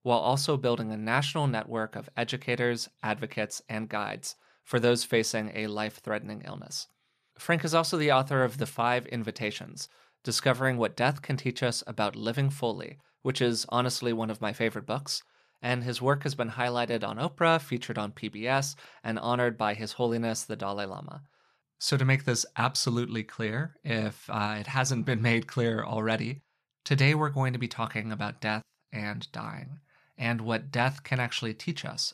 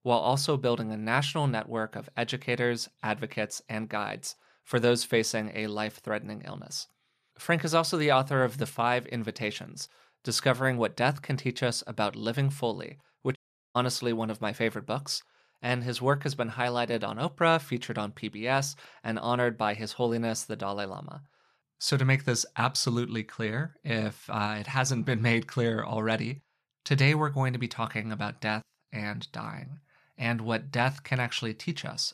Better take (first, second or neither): first